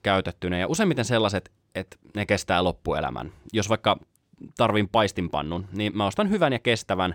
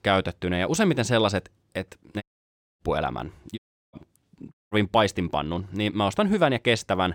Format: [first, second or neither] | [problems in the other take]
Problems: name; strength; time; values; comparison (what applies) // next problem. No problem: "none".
first | audio cutting out; at 2 s for 0.5 s, at 3.5 s and at 4.5 s